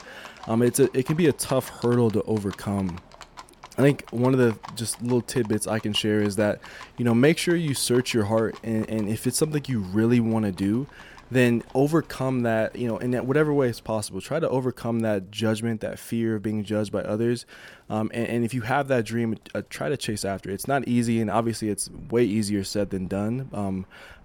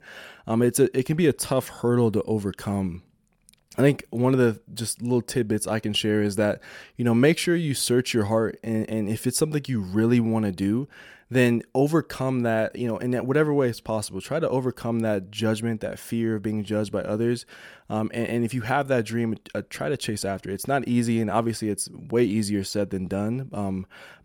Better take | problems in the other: second | animal sounds; faint; throughout; 20 dB below the speech

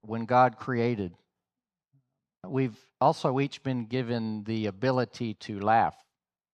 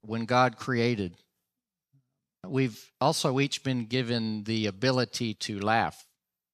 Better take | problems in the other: second | muffled; slightly; fading above 1.5 kHz

